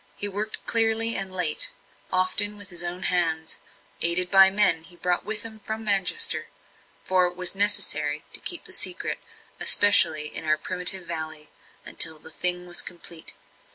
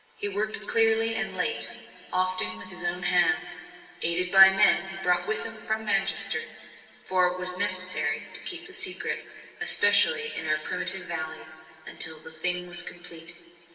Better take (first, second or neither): first